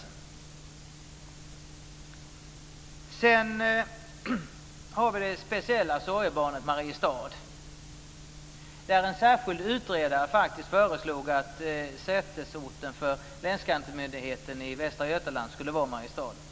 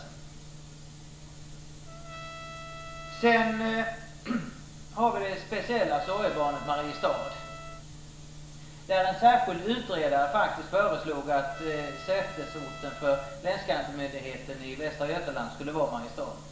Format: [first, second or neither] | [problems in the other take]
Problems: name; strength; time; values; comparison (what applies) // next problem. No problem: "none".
first | background sound (Trumpet); 16 dB below the speech // room echo; dies away in 0.7 s